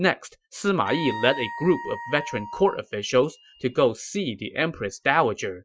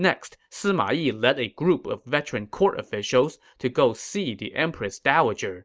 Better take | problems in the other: second | noise reduction (classical method Wiener filter)

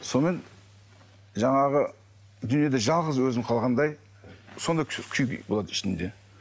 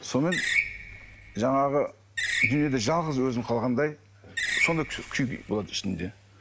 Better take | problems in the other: first | background sound (Screech); 3 dB below the speech

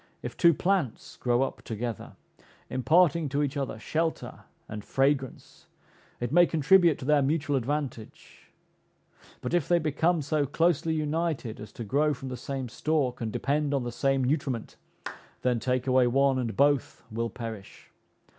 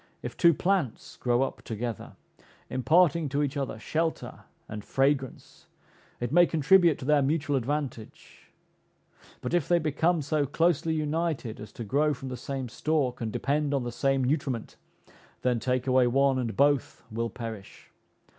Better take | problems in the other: second | background sound (Clapping); 18 dB below the speech

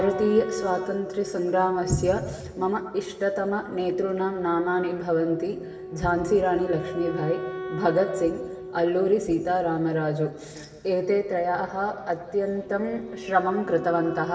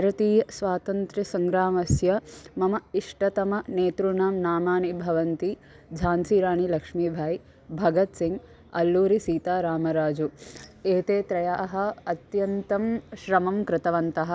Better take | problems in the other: second | background sound (Wind instrument, woodwind instrument); 12 dB below the speech // room echo; dies away in 1.4 s

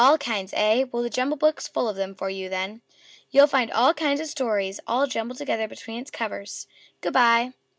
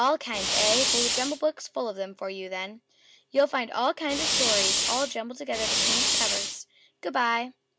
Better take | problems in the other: first | background sound (Fire); 4 dB above the speech

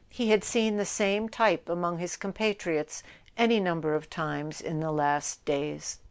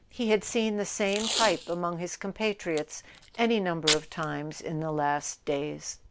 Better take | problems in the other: first | background sound (Packing tape, duct tape); 6 dB below the speech

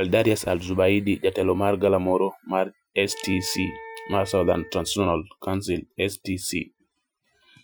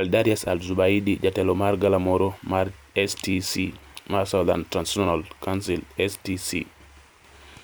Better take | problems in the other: second | noise reduction (classical method Wiener filter)

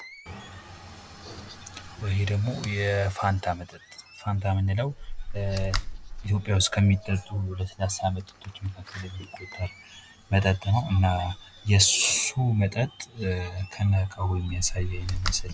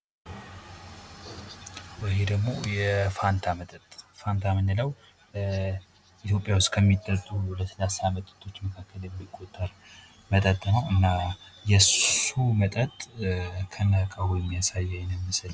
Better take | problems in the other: second | background sound (Slam); 12 dB below the speech

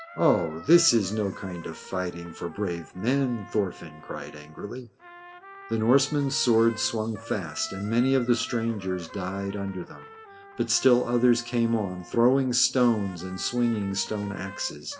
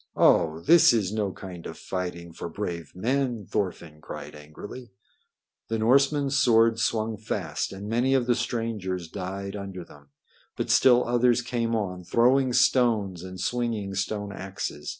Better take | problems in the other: second | background sound (Trumpet); 19 dB below the speech // room echo; dies away in 1.5 s

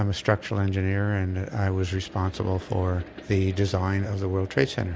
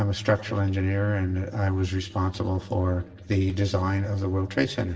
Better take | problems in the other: first | noise reduction (neural separator model SepFormer DNS4)

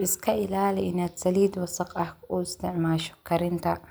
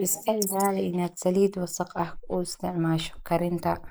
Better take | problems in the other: first | noise reduction (neural mask model Resemble Enhance denoiser)

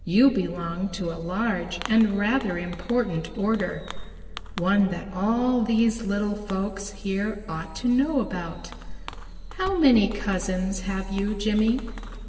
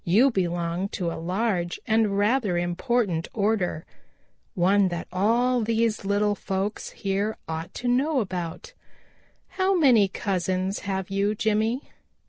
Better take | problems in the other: second | background sound (Fireworks); 13 dB below the speech // room echo; dies away in 2.7 s

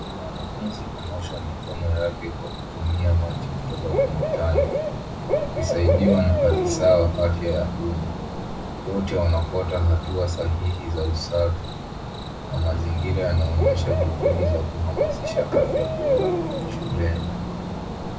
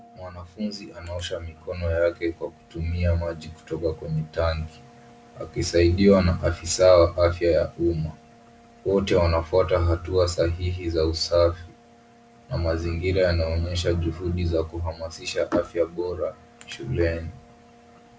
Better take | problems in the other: second | background sound (Cricket / Bird); 2 dB below the speech // room echo; dies away in 0.4 s

